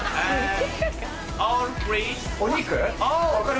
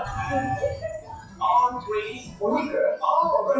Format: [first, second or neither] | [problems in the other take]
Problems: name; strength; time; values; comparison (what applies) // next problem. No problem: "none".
first | noise reduction (classical method WPE with log-MMSE)